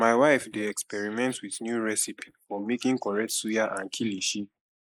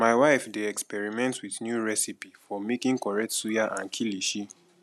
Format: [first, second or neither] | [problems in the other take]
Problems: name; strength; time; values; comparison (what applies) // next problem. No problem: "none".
second | noise reduction (neural mask model Resemble Enhance denoiser)